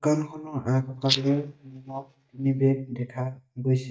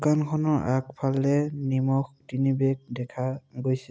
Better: second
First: noise reduction (neural mask model DeepFilterNet 3)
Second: none

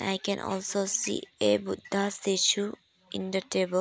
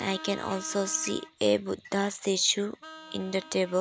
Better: first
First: none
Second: background sound (Vehicle horn, car horn, honking); 17 dB below the speech

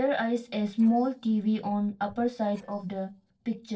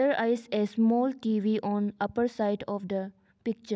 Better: second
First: noise reduction (neural separator model SepFormer DNS4)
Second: none

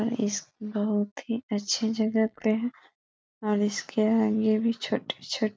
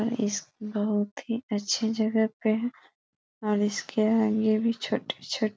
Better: second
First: noise reduction (neural mask model Resemble Enhance denoiser)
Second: none

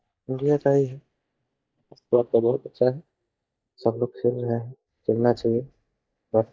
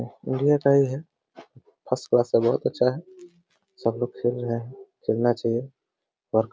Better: second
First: noise reduction (neural mask model DeepFilterNet 3)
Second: none

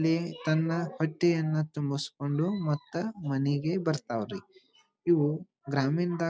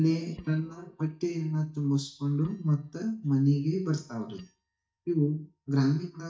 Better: first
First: none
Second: noise reduction (neural mask model DeepFilterNet 3)

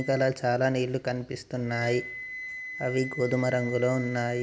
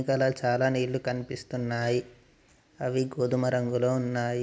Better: second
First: background sound (Wind instrument, woodwind instrument); 12 dB below the speech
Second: none

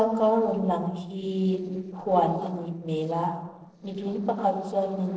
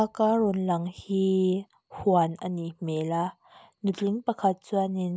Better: second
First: noise reduction (neural separator model SepFormer DNS4)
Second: none

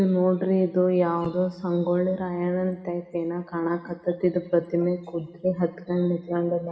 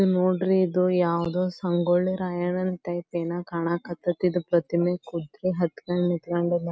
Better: second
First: room echo; dies away in 1.5 s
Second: none

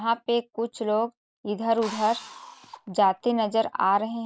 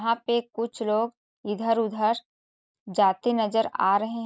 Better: second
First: background sound (Drill); 17 dB below the speech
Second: none

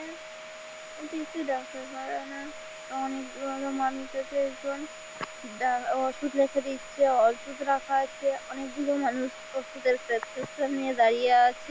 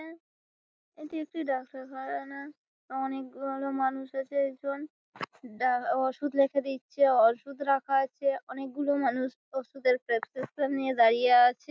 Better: second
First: background sound (Domestic sounds, home sounds); 14 dB below the speech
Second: none

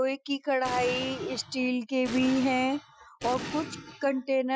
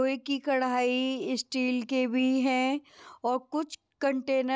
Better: second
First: noise reduction (classical method Wiener filter)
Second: none

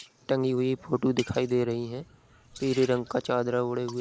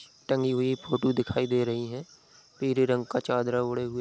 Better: second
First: noise reduction (neural mask model Resemble Enhance denoiser)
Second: none

